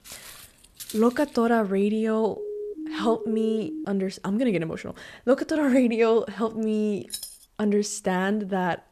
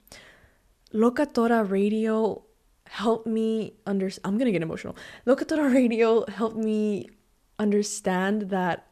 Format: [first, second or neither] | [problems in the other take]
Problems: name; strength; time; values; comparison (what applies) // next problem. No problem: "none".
second | footsteps; faint; until 1.5 s; peak 15 dB below the speech // siren; noticeable; from 2.5 to 4 s; peak 9 dB below the speech // jangling keys; faint; at 7 s; peak 10 dB below the speech